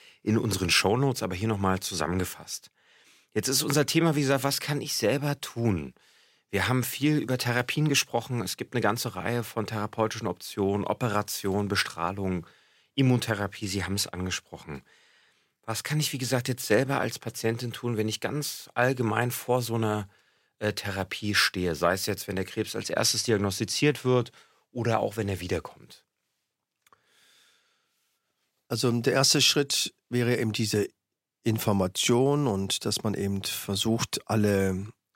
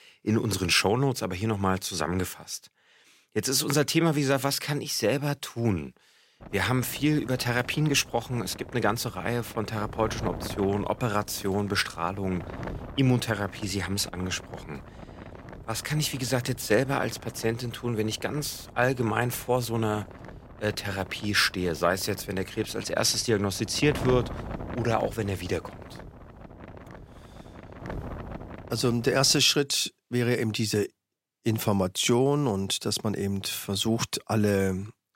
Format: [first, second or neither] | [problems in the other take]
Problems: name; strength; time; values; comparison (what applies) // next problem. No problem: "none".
first | wind noise on the microphone; occasional gusts; from 6.5 to 29 s; 15 dB below the speech